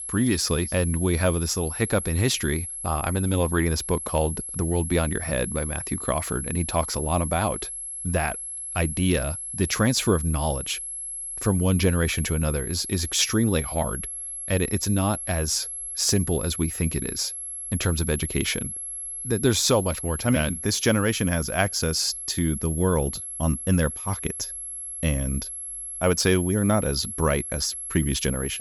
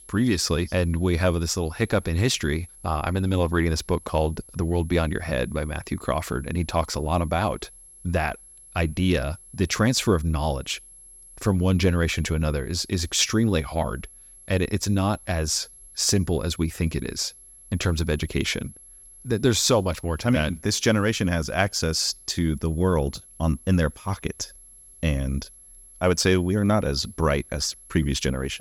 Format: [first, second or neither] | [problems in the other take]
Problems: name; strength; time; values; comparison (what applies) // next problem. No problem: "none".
second | high-pitched whine; loud; throughout; 11 kHz, 6 dB below the speech; faint in the second